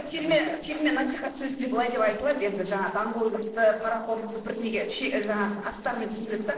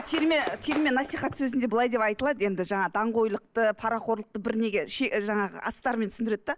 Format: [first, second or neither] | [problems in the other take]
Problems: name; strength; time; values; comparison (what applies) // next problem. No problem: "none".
second | noise reduction (neural separator model SepFormer DNS4)